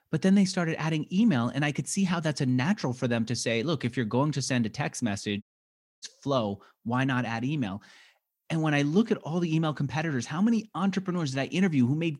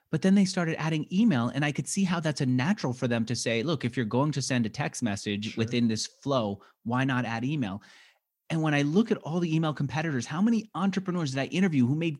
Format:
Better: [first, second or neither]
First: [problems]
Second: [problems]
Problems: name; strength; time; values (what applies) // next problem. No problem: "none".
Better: second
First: audio cutting out; at 5.5 s for 0.5 s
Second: none